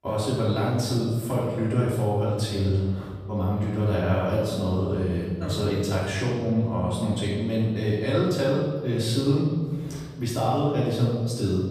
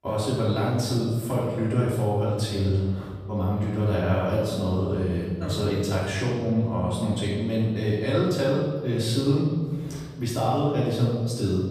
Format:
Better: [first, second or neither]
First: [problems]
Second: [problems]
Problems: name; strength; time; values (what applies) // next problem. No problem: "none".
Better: neither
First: off-mic speech; far // room echo; strong; dies away in 1.5 s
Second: off-mic speech; far // room echo; strong; dies away in 1.5 s